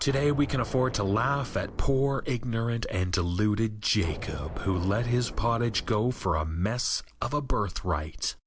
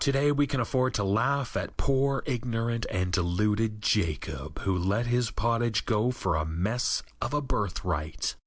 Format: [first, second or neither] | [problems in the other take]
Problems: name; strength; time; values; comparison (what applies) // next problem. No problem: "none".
second | background sound (Explosion); 14 dB below the speech